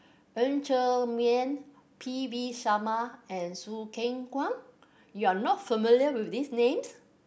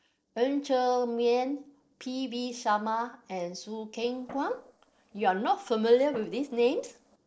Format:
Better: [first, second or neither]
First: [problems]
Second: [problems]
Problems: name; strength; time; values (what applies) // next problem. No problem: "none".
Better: first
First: none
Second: noise reduction (neural separator model SepFormer DNS4)